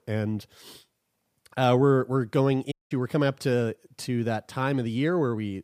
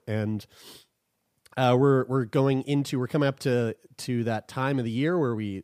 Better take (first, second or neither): second